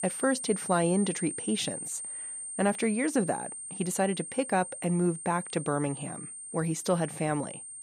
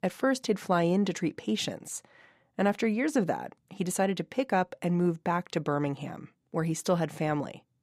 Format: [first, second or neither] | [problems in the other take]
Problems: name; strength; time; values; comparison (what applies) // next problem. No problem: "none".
second | high-pitched whine; loud; throughout; 8.5 kHz, 7 dB below the speech